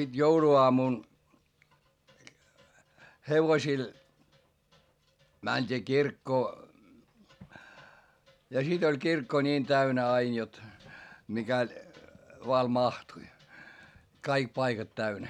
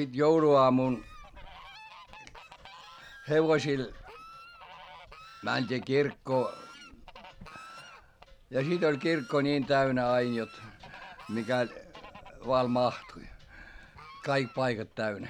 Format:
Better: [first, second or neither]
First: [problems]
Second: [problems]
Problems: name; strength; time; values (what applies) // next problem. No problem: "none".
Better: first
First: none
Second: background sound (Fowl); 19 dB below the speech